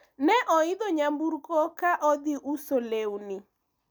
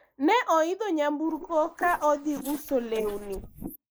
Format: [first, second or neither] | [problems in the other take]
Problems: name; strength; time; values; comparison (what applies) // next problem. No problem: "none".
first | noise reduction (neural mask model Resemble Enhance denoiser)